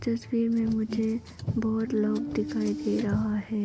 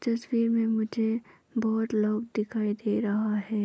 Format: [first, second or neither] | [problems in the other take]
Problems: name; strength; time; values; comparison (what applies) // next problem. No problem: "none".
second | background sound (Car); 8 dB below the speech